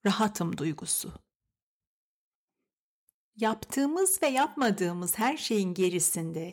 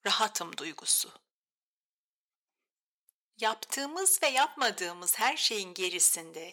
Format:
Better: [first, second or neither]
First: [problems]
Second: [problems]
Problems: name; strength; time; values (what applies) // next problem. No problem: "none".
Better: first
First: none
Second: thin; very; fading below 600 Hz